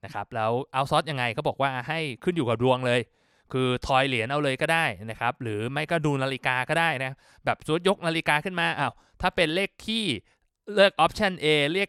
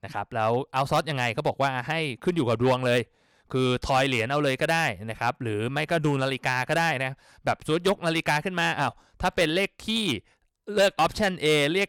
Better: first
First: none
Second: distortion; slight; 4% of the sound clipped

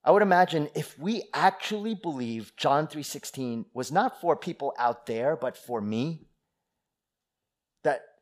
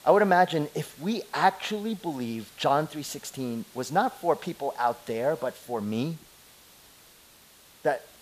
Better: first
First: none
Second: hiss; faint; throughout; 20 dB below the speech

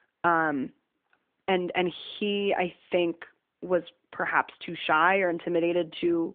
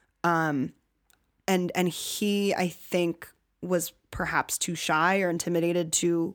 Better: second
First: phone-call audio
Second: none

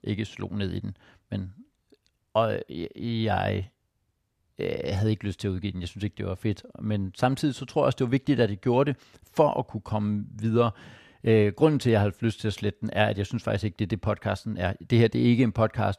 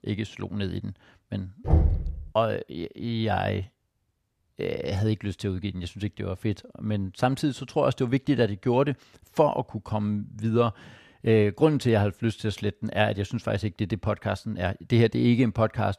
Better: first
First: none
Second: door banging; loud; at 1.5 s; peak 4 dB above the speech

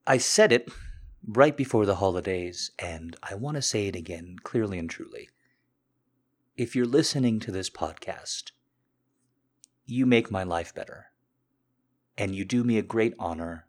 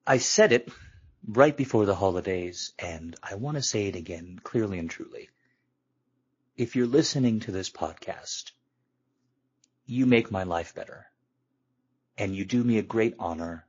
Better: first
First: none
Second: garbled, watery; slightly; nothing above 7 kHz

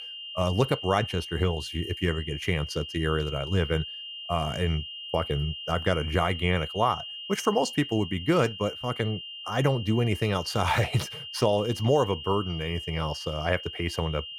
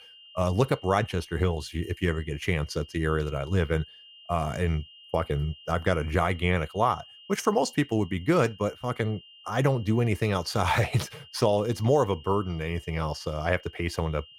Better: second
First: high-pitched whine; loud; throughout; 3 kHz, 9 dB below the speech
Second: high-pitched whine; faint; throughout; 3 kHz, 20 dB below the speech

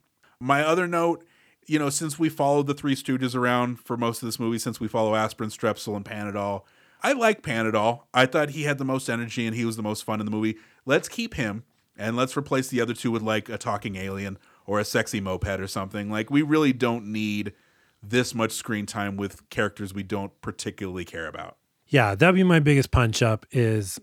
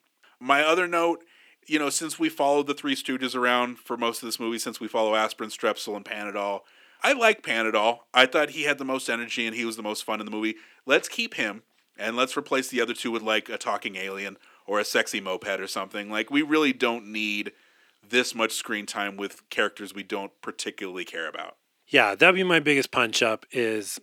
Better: first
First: none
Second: thin; somewhat; fading below 300 Hz

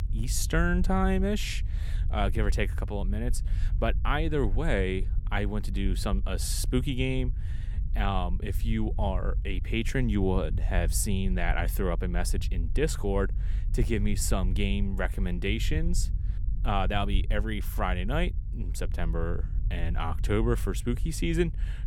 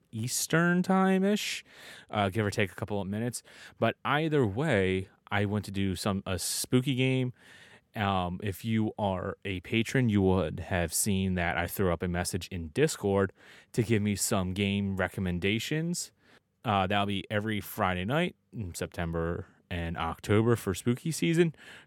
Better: second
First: low rumble; noticeable; throughout; 20 dB below the speech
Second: none

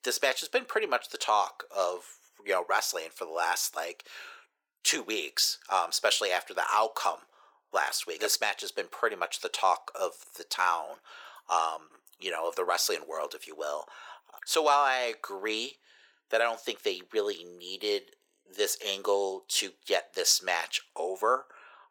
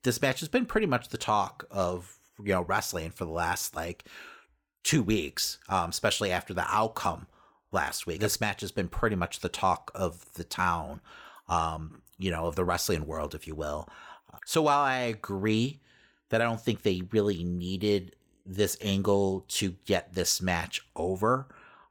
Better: second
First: thin; very; fading below 450 Hz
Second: none

